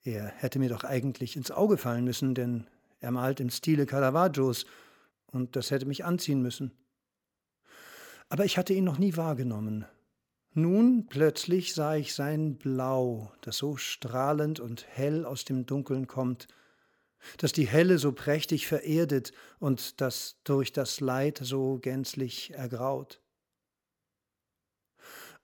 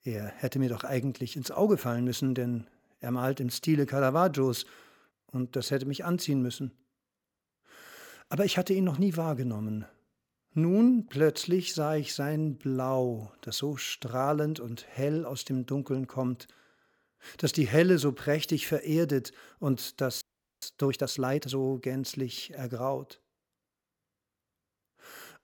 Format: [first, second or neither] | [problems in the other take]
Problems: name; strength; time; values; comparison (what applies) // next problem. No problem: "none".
first | audio freezing; at 20 s